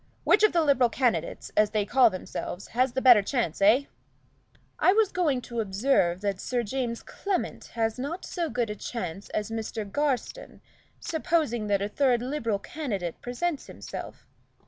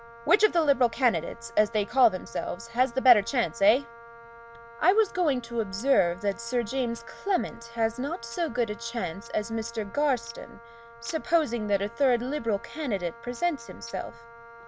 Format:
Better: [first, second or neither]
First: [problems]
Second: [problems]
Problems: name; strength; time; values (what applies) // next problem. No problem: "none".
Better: first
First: none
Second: background sound (Wind instrument, woodwind instrument); 19 dB below the speech